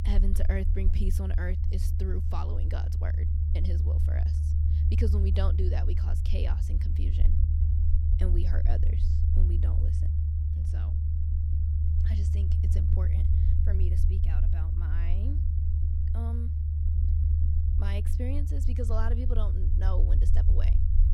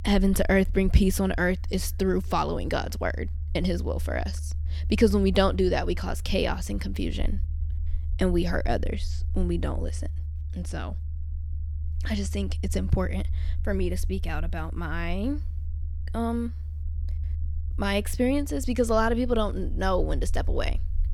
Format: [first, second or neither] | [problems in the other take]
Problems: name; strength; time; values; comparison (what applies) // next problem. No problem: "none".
second | low rumble; loud; throughout; 2 dB below the speech; faint in the second